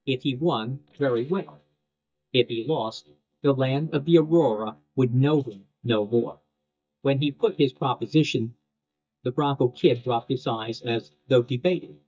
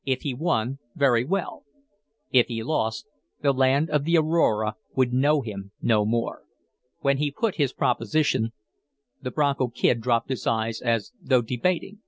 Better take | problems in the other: second | noise reduction (neural mask model DeepFilterNet 3)

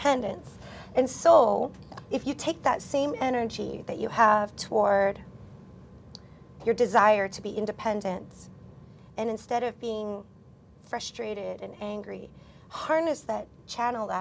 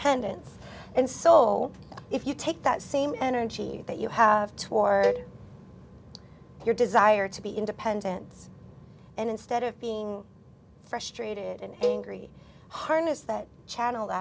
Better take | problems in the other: first | background sound (Cowbell); 7 dB below the speech

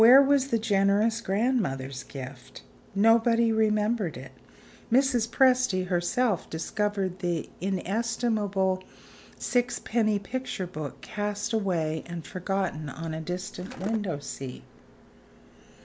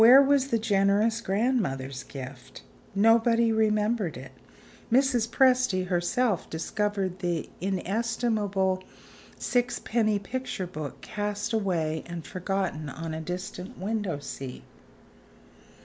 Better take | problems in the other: second | background sound (Skateboard); 14 dB below the speech

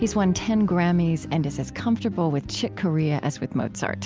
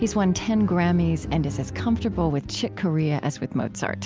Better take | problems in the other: first | background sound (Bowed string instrument); 10 dB below the speech

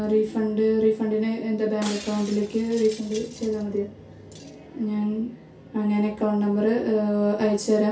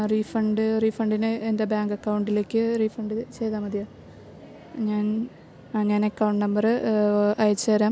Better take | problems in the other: second | background sound (Shatter); 19 dB below the speech // room echo; dies away in 0.3 s

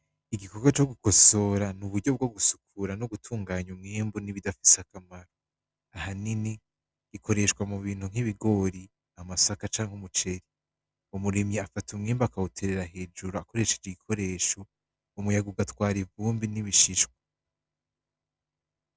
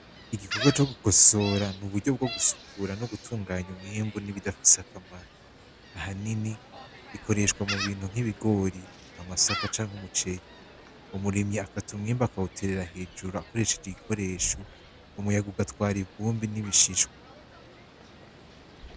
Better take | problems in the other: first | background sound (Gull, seagull); 14 dB below the speech

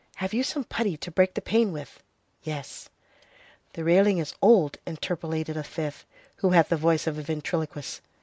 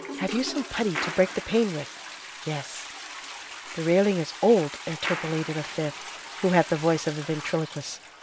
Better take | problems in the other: first | background sound (Clapping + Toilet flush); 10 dB below the speech

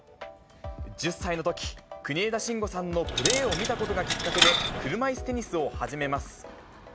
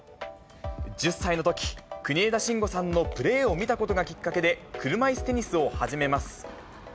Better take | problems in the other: second | background sound (Coin (dropping)); 3 dB above the speech

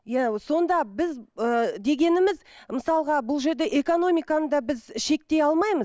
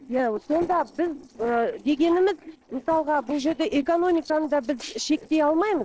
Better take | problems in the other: first | noise reduction (neural separator model SepFormer DNS4)

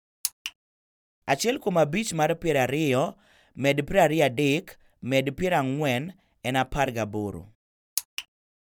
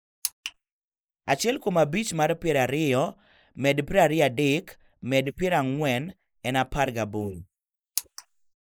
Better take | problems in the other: first | noise reduction (neural mask model Resemble Enhance denoiser)

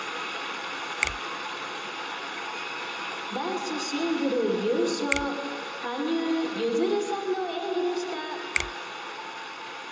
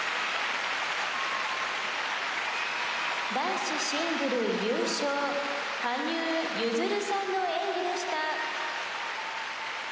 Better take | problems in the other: second | background sound (Finger snapping); 8 dB below the speech // room echo; dies away in 0.2 s

